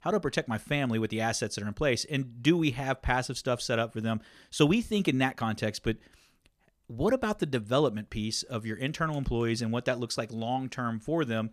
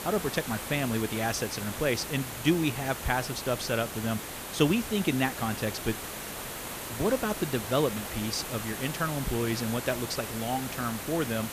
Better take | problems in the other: first | hiss; loud; throughout; 6 dB below the speech

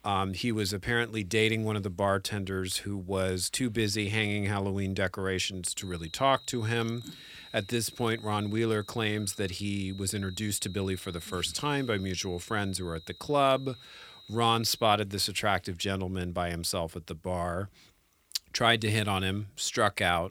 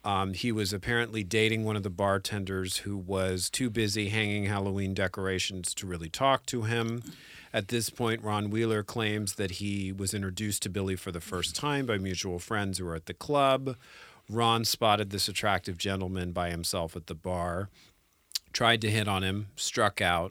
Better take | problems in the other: second | high-pitched whine; noticeable; from 6 to 15 s; 4 kHz, 20 dB below the speech

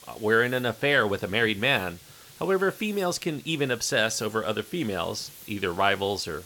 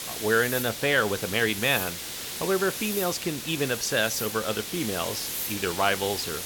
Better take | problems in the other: first | hiss; loud; throughout; 5 dB below the speech; faint in the first

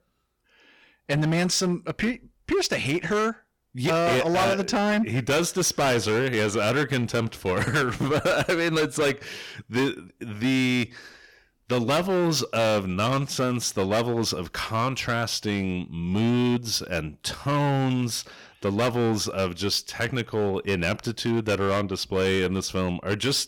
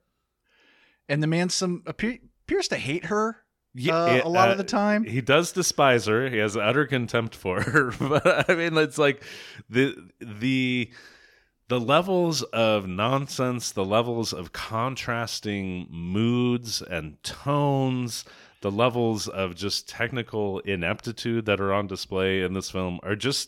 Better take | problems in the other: second | distortion; heavy; 14% of the sound clipped

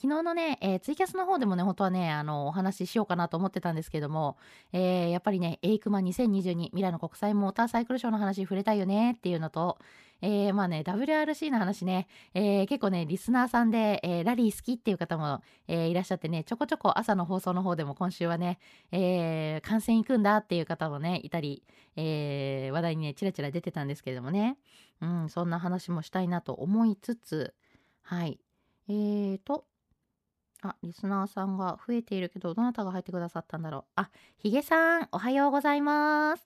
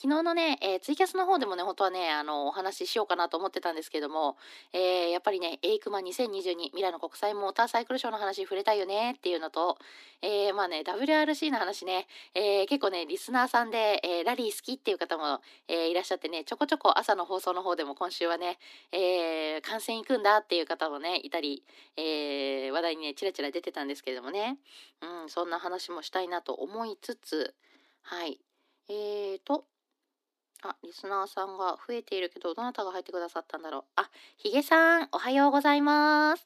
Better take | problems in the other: first | thin; somewhat; fading below 250 Hz

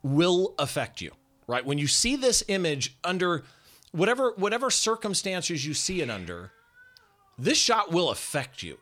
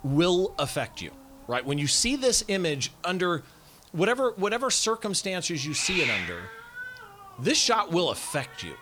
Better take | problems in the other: first | hiss; loud; throughout; 6 dB below the speech; faint in the first

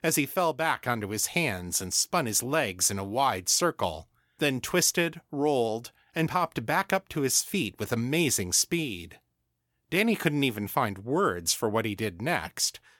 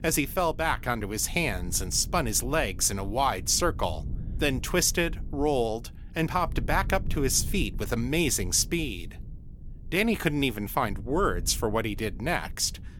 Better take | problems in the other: first | low rumble; faint; throughout; 25 dB below the speech

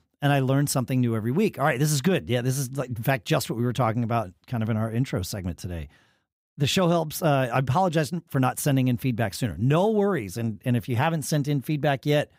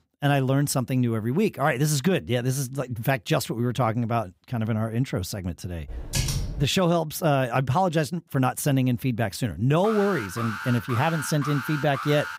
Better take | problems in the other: first | keyboard typing; noticeable; at 6 s; peak 2 dB below the speech // alarm; noticeable; from 10 s on; peak 7 dB below the speech

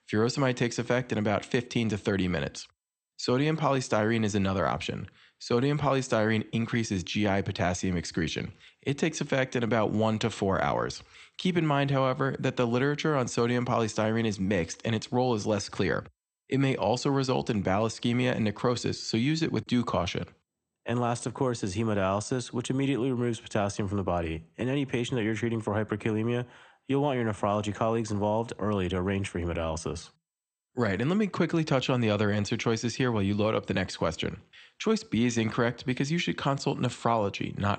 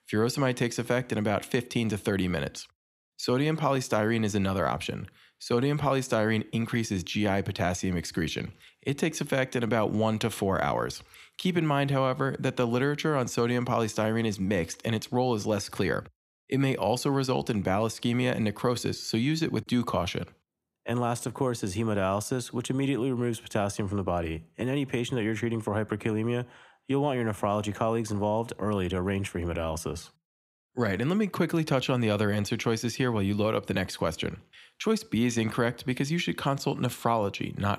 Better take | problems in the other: second | garbled, watery; slightly; nothing above 8.5 kHz

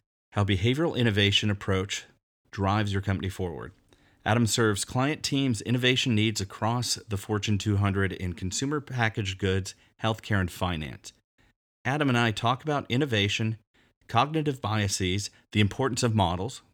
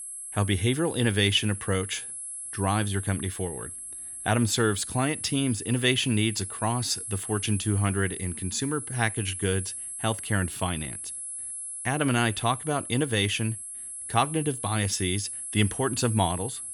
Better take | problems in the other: first | high-pitched whine; loud; throughout; 11 kHz, 7 dB below the speech

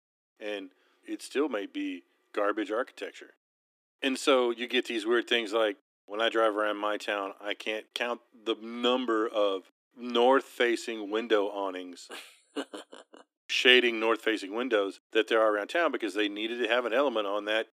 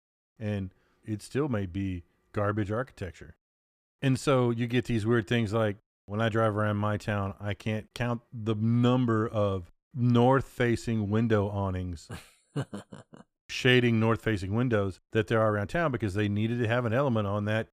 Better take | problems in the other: second | thin; somewhat; fading below 300 Hz

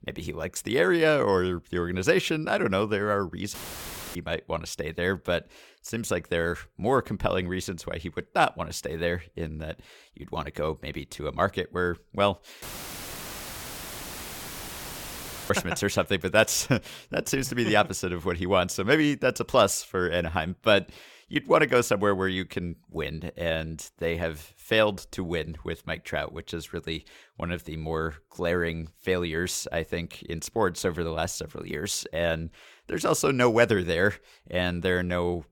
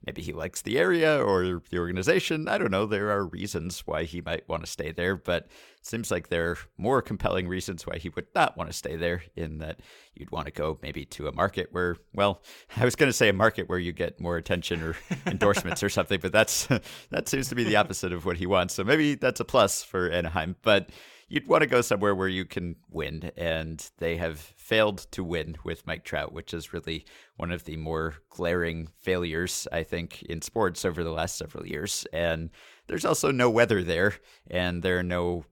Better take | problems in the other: second | audio cutting out; filled with static; at 3.5 s for 0.5 s and at 13 s for 3 s

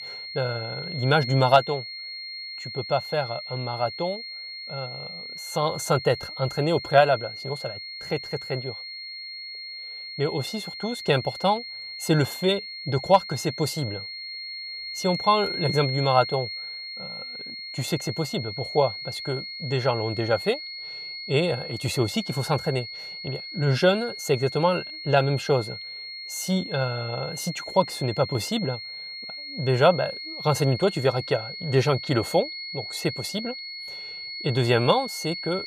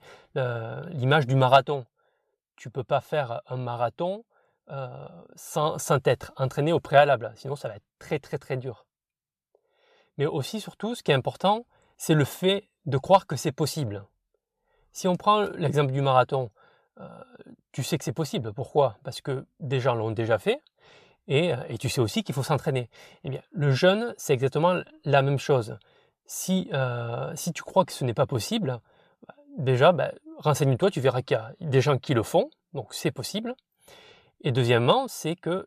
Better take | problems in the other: second | high-pitched whine; loud; throughout; 4.5 kHz, 8 dB below the speech

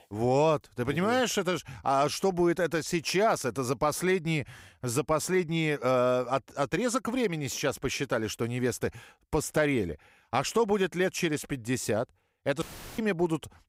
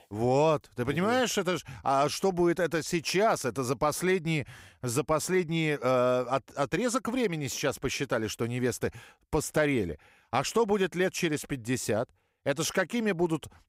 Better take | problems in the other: second | audio cutting out; filled with static; at 13 s

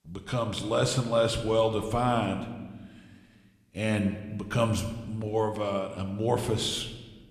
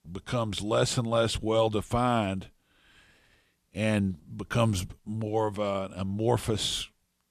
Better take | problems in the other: second | room echo; slight; dies away in 1 s

